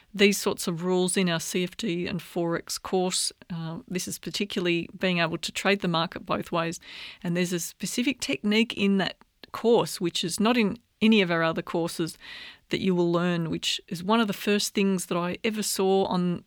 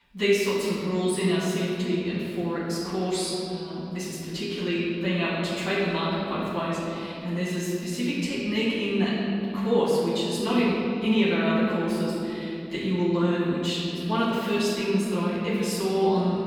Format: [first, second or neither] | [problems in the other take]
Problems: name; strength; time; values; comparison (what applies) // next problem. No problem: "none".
first | off-mic speech; far // room echo; strong; dies away in 2.9 s